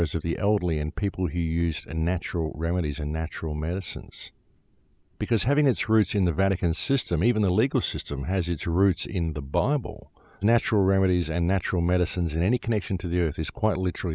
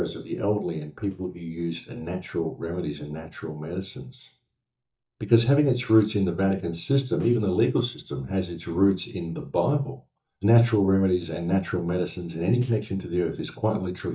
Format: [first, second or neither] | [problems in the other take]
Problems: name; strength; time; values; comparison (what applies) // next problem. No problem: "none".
first | noise reduction (neural mask model DeepFilterNet 3)